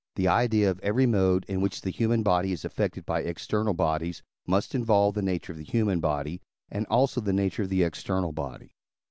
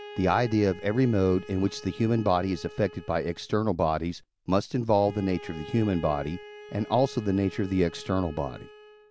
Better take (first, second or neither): first